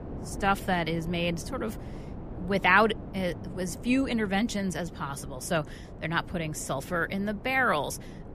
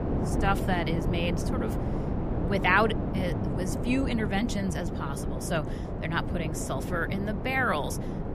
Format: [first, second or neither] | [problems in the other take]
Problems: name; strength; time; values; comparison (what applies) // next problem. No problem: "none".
first | wind noise on the microphone; heavy; 7 dB below the speech; occasional gusts in the first